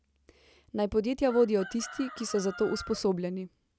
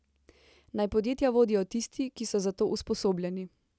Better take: second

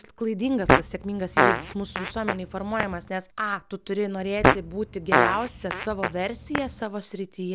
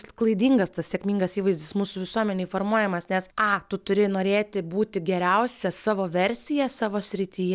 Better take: second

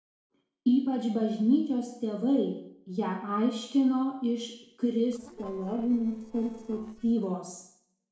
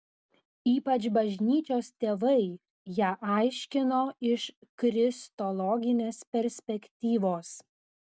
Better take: second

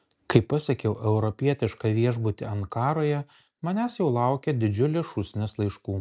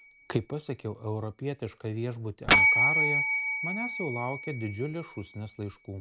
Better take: first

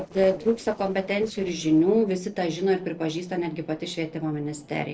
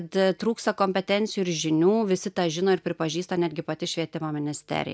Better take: second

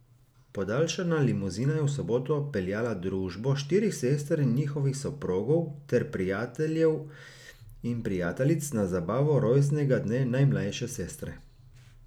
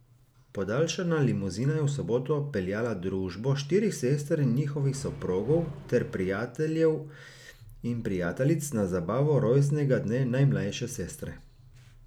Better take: first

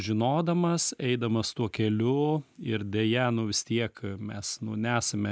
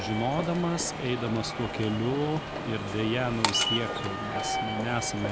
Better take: first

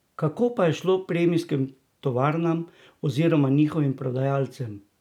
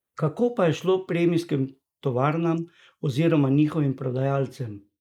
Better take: first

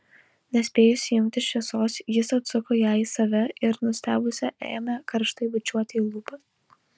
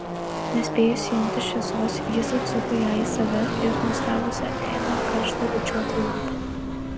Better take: first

